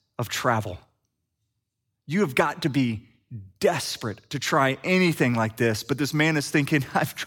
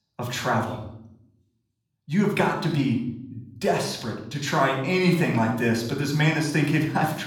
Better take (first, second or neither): first